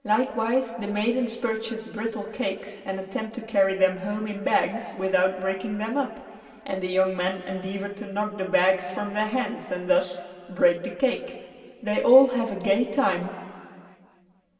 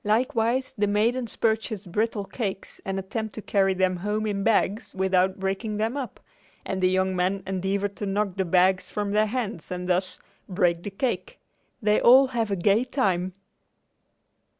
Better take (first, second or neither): second